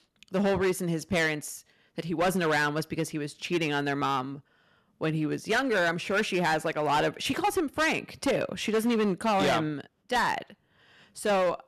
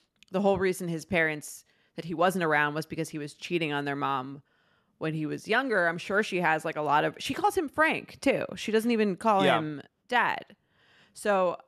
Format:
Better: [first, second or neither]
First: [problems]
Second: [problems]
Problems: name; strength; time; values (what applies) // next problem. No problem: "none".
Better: second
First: distortion; heavy; 10% of the sound clipped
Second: none